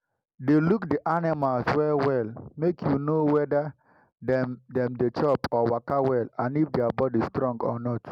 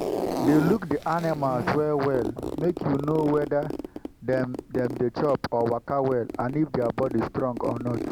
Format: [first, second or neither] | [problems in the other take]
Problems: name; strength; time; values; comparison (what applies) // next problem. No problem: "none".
first | background sound (Zipper (clothing)); 7 dB below the speech